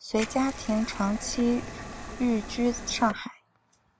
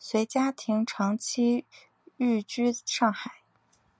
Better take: second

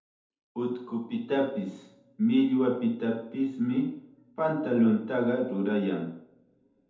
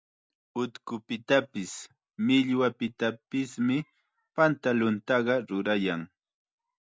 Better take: second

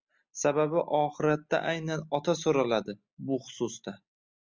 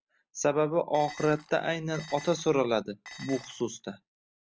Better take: first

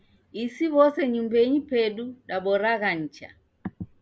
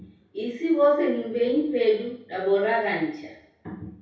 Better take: first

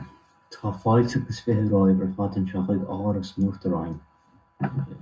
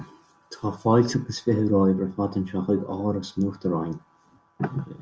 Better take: second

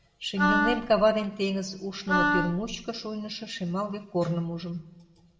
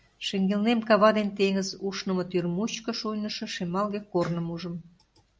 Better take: second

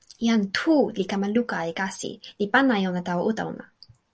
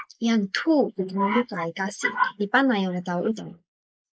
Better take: first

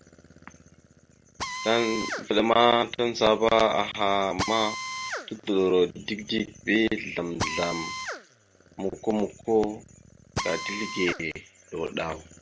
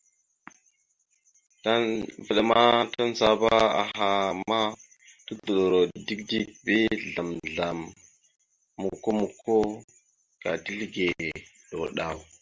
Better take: second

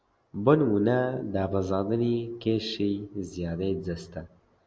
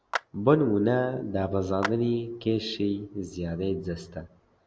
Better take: first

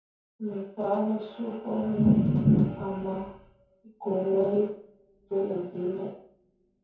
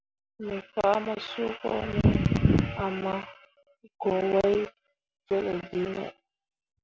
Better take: second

